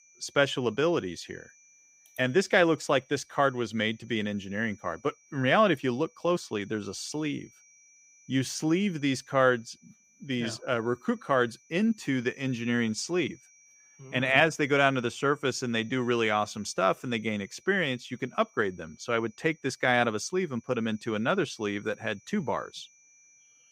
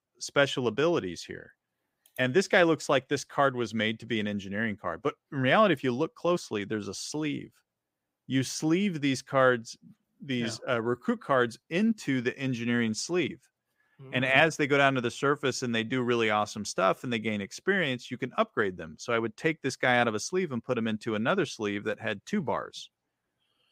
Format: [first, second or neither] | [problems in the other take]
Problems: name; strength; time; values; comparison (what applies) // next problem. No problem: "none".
second | high-pitched whine; faint; throughout; 6 kHz, 30 dB below the speech